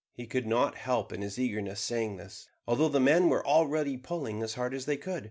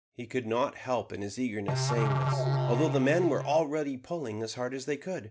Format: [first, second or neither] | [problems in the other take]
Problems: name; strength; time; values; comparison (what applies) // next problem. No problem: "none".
first | background sound (Musical instrument); as loud as the speech